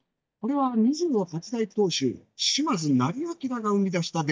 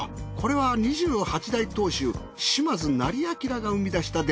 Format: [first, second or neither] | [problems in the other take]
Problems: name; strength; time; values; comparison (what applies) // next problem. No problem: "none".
second | noise reduction (neural mask model DeepFilterNet 3)